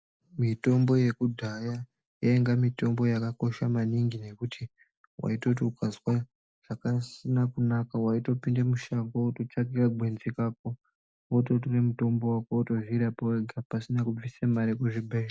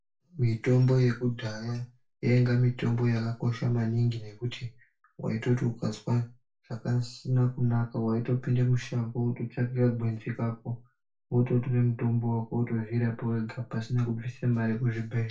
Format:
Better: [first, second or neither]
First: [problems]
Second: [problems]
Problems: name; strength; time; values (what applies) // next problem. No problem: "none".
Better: first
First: none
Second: room echo; dies away in 0.3 s